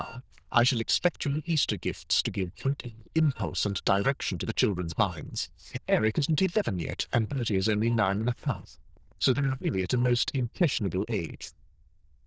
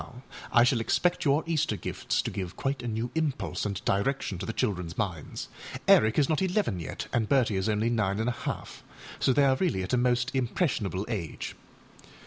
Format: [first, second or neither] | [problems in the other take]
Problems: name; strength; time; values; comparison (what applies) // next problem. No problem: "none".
second | noise reduction (neural diffusion model UNIVERSE++)